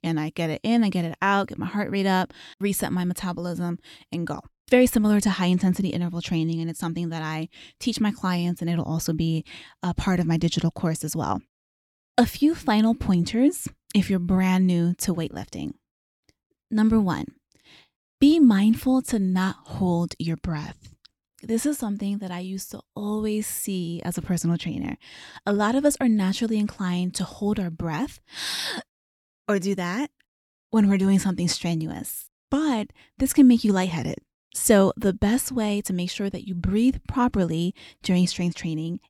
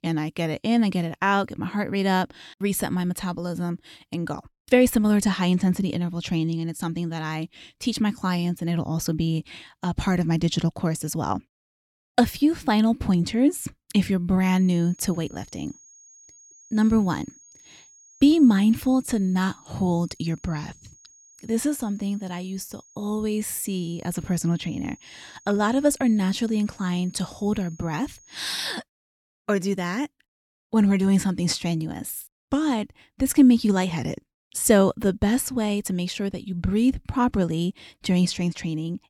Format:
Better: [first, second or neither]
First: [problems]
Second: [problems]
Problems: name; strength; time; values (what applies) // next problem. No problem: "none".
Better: first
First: none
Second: high-pitched whine; faint; from 15 to 28 s; 6.5 kHz, 25 dB below the speech